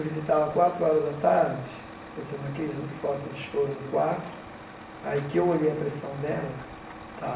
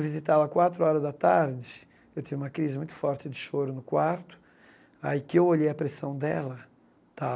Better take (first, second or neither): second